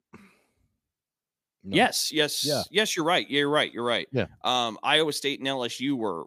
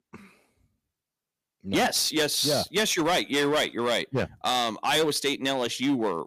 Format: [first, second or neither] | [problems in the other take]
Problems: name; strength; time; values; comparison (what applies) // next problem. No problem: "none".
first | distortion; heavy; 9% of the sound clipped